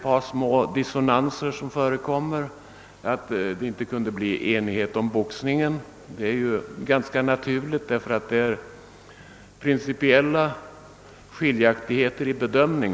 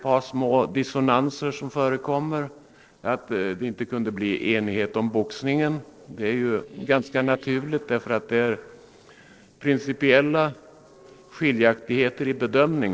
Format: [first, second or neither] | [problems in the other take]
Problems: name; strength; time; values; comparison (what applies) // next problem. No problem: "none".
first | noise reduction (neural separator model SepFormer DNS4)